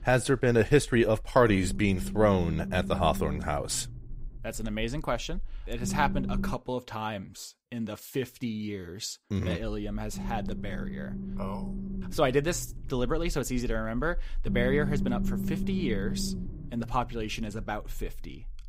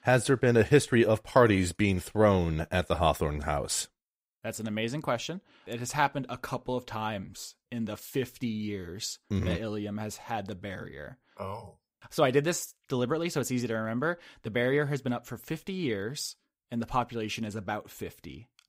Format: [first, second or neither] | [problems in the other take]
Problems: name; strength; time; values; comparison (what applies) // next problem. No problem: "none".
second | low rumble; noticeable; until 6.5 s and from 9.5 s on; 15 dB below the speech